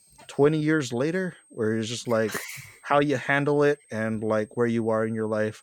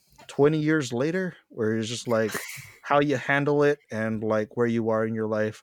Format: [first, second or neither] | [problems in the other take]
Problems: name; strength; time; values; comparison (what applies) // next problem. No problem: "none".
second | high-pitched whine; faint; throughout; 8.5 kHz, 30 dB below the speech